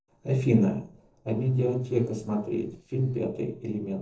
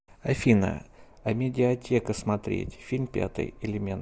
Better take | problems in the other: second | noise reduction (neural separator model SepFormer DNS4)

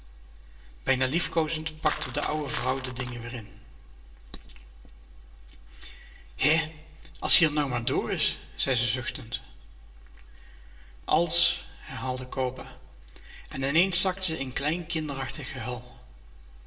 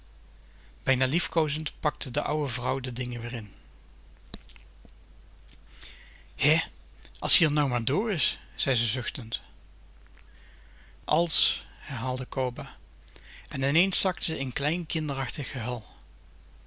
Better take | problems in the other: second | background sound (Coin (dropping)); 9 dB below the speech // room echo; dies away in 0.8 s

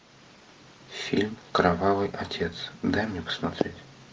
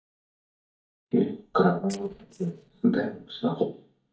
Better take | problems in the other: first | noise reduction (neural mask model DeepFilterNet 3)

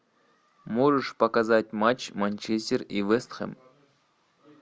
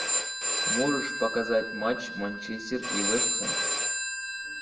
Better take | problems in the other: first | background sound (Telephone); 2 dB above the speech // room echo; dies away in 0.7 s

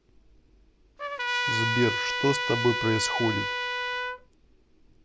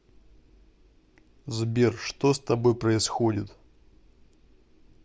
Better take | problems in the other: second | background sound (Trumpet); 1 dB above the speech

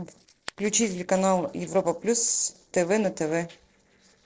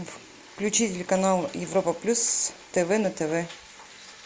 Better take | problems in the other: second | noise reduction (neural separator model SepFormer DNS4)

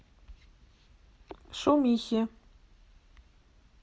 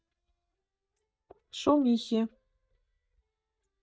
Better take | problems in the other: first | noise reduction (neural mask model DeepFilterNet 3)

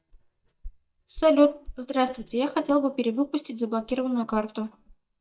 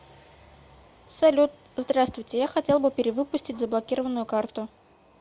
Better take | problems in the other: second | noise reduction (neural mask model DeepFilterNet 3)

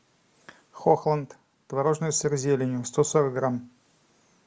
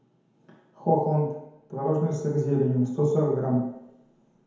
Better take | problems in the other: first | room echo; dies away in 1 s

